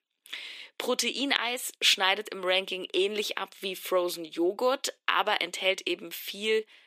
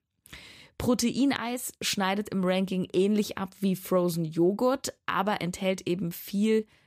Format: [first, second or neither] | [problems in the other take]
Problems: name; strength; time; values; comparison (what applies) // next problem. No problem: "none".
second | thin; somewhat; fading below 350 Hz